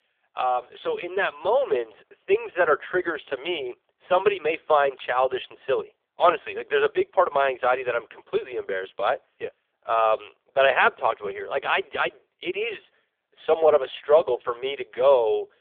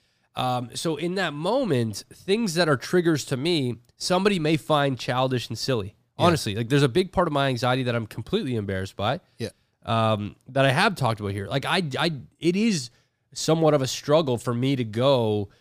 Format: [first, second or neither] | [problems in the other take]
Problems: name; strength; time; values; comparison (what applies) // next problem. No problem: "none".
second | phone-call audio; poor line; nothing above 3.5 kHz